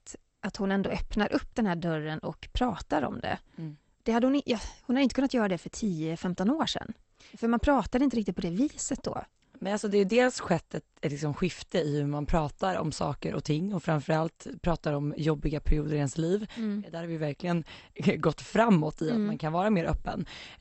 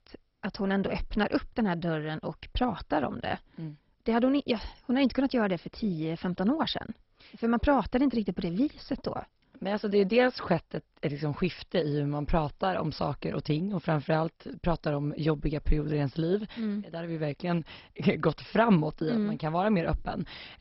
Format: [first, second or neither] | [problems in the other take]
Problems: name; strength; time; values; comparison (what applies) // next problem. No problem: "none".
first | garbled, watery; badly; nothing above 5.5 kHz; slightly in the first